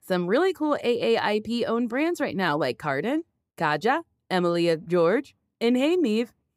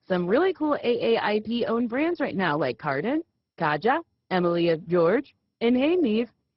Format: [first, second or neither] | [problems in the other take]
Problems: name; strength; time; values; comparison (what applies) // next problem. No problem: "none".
first | garbled, watery; badly; nothing above 5 kHz